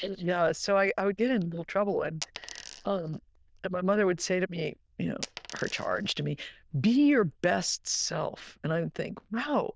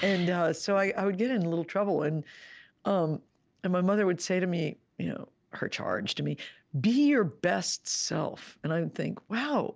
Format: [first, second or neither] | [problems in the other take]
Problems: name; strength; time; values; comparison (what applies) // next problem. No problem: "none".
second | noise reduction (neural diffusion model UNIVERSE++)